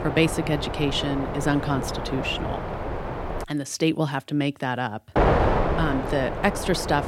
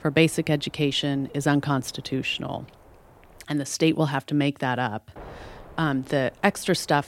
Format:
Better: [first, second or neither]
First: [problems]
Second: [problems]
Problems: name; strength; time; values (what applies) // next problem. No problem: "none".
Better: second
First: wind noise on the microphone; heavy; until 3.5 s and from 5 s on; 1 dB below the speech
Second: wind noise on the microphone; occasional gusts; until 3.5 s and from 5 s on; 25 dB below the speech